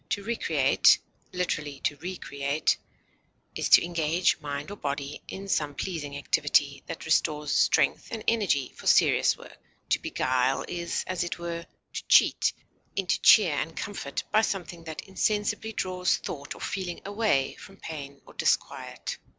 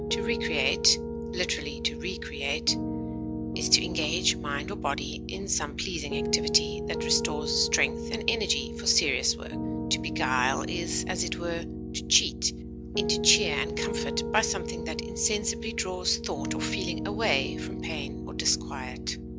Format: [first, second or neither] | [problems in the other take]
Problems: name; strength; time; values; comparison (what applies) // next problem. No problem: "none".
first | background sound (Piano); 3 dB below the speech